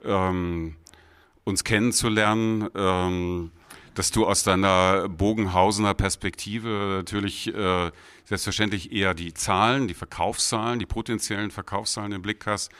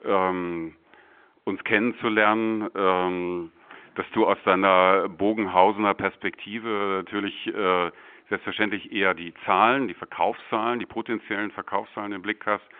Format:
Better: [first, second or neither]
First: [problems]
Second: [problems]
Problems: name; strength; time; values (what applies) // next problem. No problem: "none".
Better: first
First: none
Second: phone-call audio; nothing above 3.5 kHz